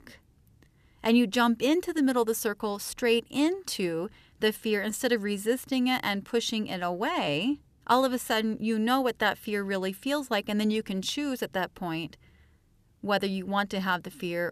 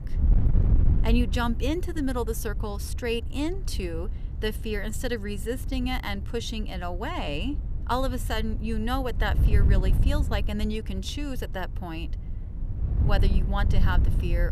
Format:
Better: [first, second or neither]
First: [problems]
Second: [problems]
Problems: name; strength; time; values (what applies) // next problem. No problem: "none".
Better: first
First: none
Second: wind noise on the microphone; occasional gusts; 10 dB below the speech